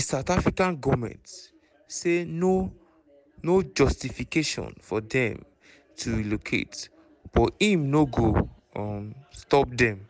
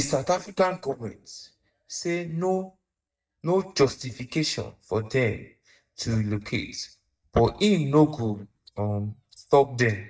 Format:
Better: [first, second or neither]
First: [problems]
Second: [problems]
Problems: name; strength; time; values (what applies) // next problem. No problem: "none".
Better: first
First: none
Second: noise reduction (neural mask model DeepFilterNet 3)